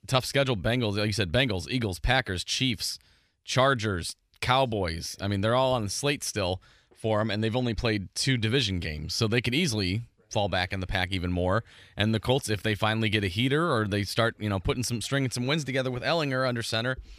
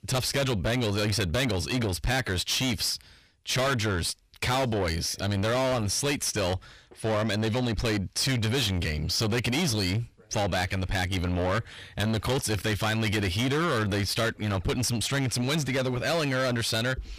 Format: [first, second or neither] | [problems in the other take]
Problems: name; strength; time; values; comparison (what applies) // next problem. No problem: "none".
first | distortion; heavy; 6 dB below the speech